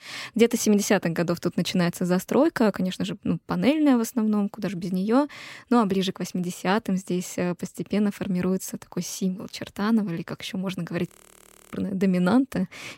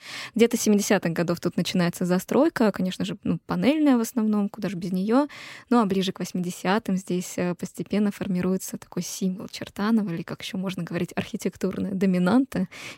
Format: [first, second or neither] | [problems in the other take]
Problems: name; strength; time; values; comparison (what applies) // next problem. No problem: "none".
second | audio freezing; at 11 s for 0.5 s